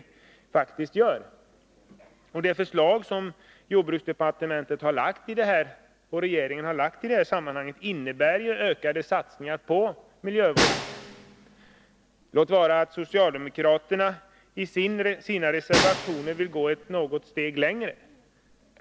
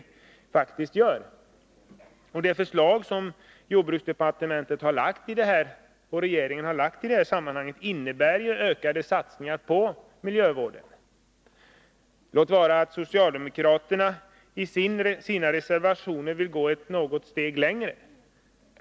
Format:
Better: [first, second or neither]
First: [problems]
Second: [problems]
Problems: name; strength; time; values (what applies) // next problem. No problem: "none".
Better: second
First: background sound (Snare drum); 5 dB below the speech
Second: none